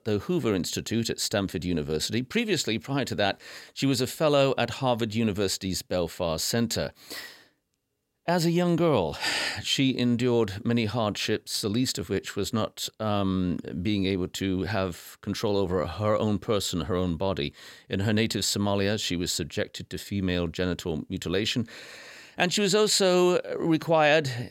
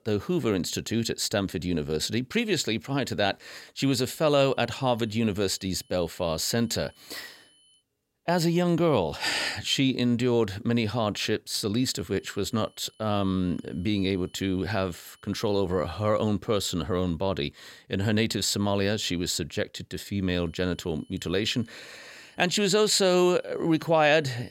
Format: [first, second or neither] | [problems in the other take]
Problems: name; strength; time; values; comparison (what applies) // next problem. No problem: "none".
first | high-pitched whine; faint; from 4 to 8 s, from 12 to 16 s and from 20 s on; 3 kHz, 35 dB below the speech